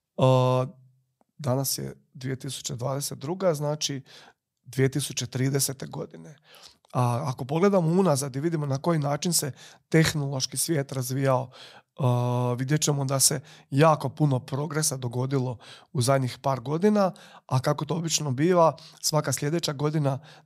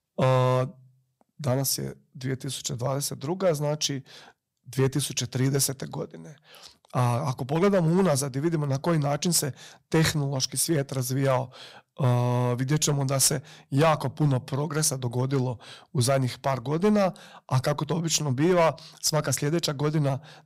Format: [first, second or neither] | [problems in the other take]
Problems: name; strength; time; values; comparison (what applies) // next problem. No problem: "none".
first | distortion; slight; 3% of the sound clipped